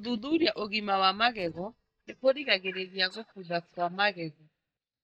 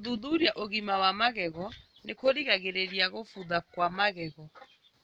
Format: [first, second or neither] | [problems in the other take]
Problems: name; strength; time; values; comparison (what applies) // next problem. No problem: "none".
second | noise reduction (neural mask model DeepFilterNet 3)